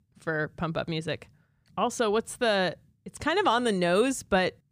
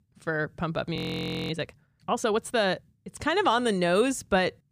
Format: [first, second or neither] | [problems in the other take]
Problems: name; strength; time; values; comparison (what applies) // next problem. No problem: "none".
first | audio freezing; at 1 s for 0.5 s